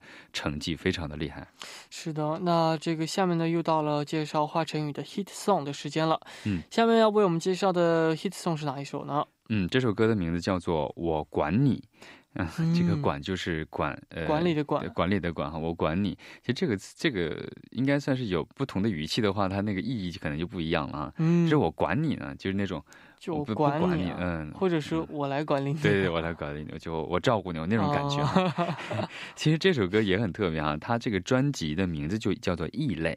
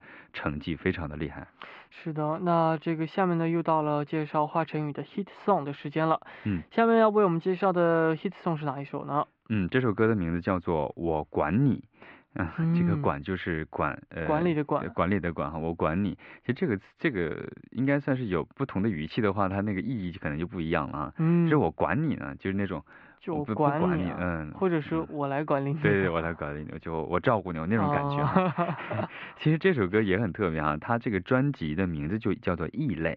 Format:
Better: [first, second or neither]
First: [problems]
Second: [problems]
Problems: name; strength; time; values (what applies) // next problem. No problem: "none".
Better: first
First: none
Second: muffled; very; fading above 2.5 kHz